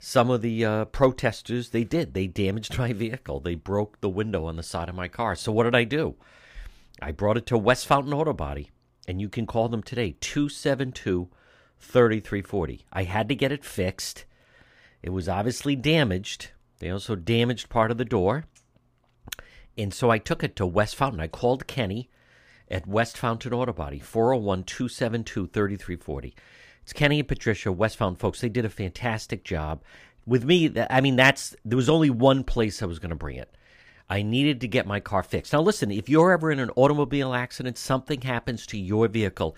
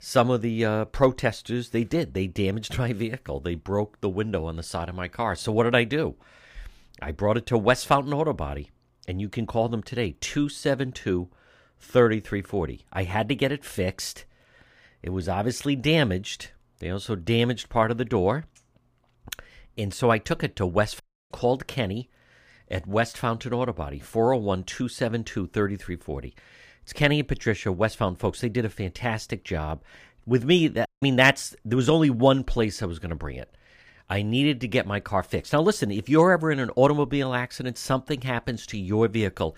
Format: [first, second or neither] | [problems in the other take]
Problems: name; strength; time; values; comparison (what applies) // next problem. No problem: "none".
first | audio cutting out; at 21 s and at 31 s